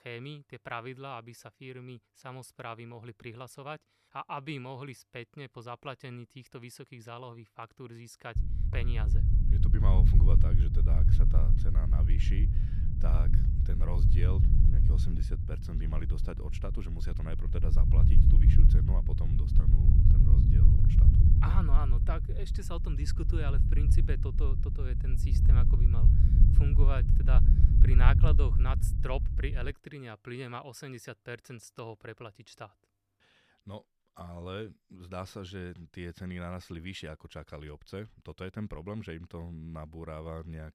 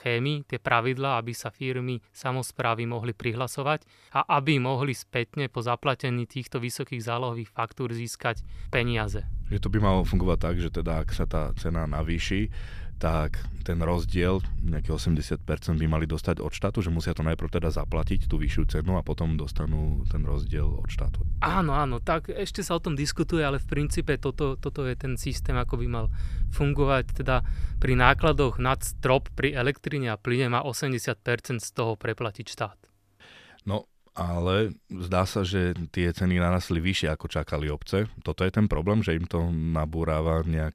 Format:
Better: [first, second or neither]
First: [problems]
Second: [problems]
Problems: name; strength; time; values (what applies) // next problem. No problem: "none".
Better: second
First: low rumble; loud; from 8.5 to 30 s; 1 dB below the speech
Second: low rumble; faint; from 8.5 to 30 s; 25 dB below the speech